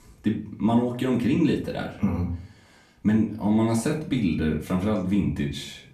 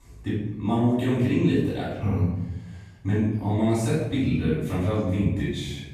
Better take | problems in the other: first | room echo; strong; dies away in 0.9 s; slight in the first // off-mic speech; far; far in the first

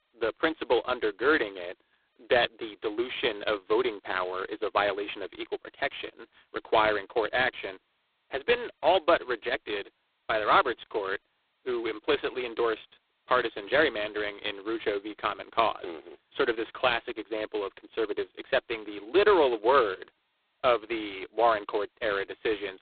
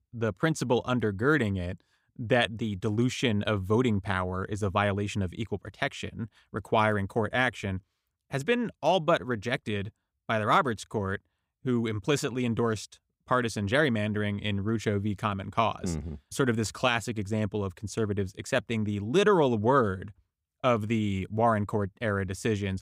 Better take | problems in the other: second | phone-call audio; poor line; nothing above 4 kHz

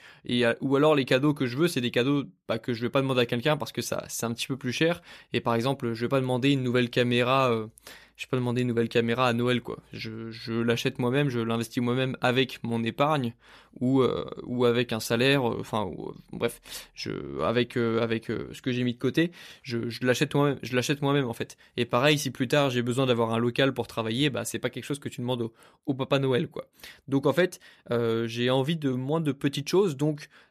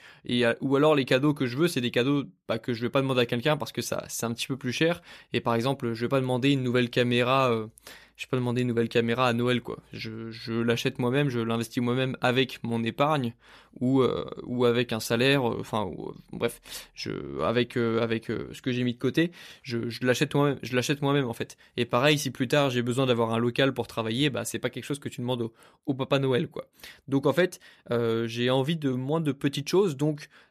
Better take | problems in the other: neither | none

